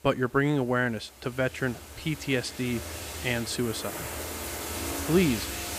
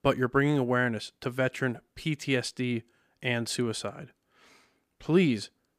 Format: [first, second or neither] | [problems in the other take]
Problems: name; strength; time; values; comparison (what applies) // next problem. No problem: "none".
second | household noises; loud; throughout; 6 dB below the speech